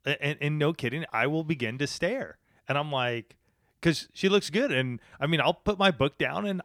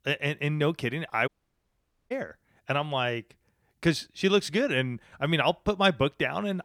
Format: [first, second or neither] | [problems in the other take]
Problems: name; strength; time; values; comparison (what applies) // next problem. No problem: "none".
first | audio cutting out; at 1.5 s for 1 s